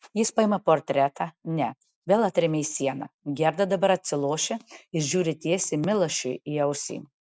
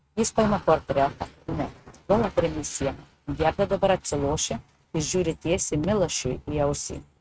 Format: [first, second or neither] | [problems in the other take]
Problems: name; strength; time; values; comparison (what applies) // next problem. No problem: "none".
first | noise reduction (neural mask model RNNoise)